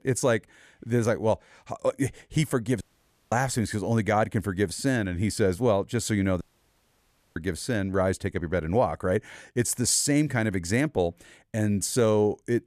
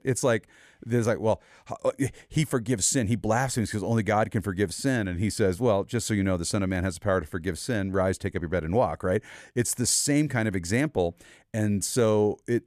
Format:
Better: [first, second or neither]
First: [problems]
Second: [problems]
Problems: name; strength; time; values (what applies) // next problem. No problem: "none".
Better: second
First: audio cutting out; at 3 s for 0.5 s and at 6.5 s for 1 s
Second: none